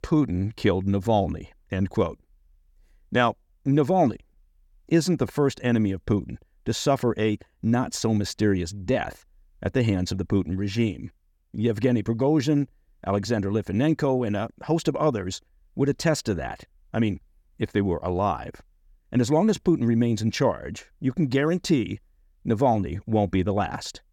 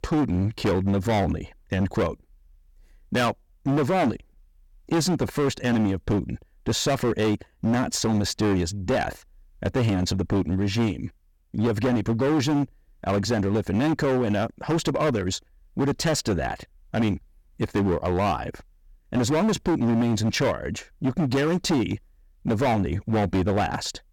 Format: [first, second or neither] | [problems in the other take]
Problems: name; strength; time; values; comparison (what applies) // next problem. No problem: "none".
first | distortion; heavy; 16% of the sound clipped